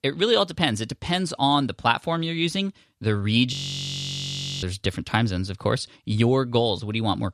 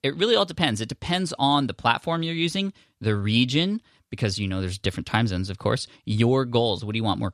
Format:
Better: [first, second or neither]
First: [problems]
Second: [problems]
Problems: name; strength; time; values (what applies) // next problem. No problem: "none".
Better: second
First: audio freezing; at 3.5 s for 1 s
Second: none